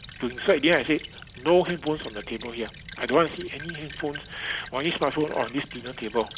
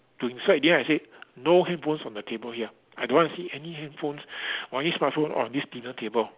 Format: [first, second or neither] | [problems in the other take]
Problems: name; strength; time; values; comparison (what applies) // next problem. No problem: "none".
second | background sound (Stream / Trickle, dribble); 15 dB below the speech